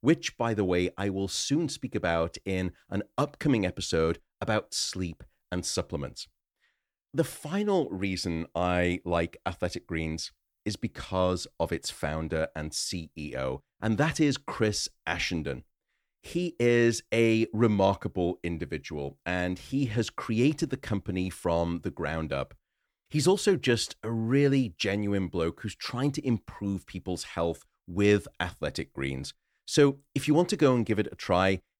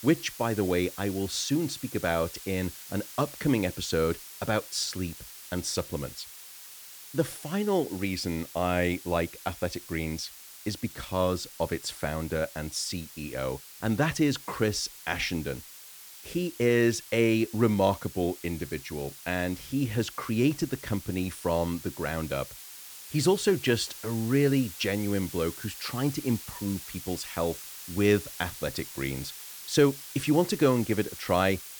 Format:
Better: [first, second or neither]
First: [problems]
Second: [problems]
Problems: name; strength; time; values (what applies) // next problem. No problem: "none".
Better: first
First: none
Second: hiss; noticeable; throughout; 15 dB below the speech